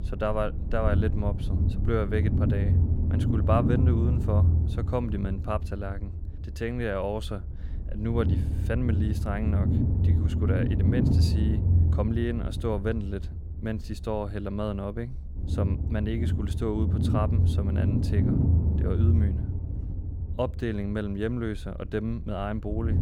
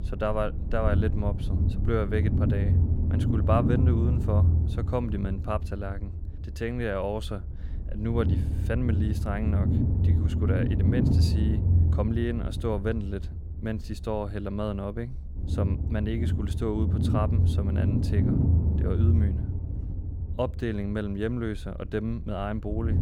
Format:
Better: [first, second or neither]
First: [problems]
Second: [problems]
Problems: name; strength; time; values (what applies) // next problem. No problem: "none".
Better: neither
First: low rumble; loud; throughout; 5 dB below the speech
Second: low rumble; loud; throughout; 5 dB below the speech